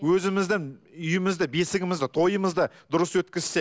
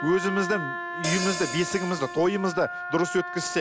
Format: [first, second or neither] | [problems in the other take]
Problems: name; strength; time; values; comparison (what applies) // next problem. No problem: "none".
first | background sound (Wind instrument, woodwind instrument + Hi-hat); 6 dB below the speech